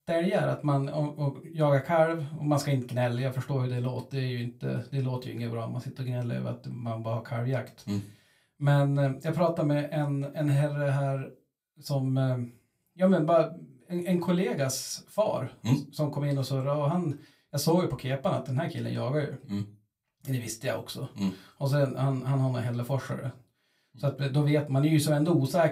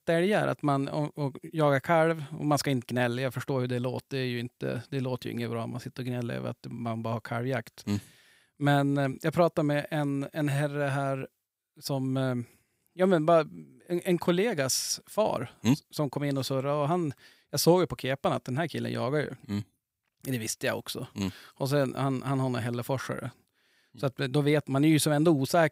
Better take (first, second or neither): second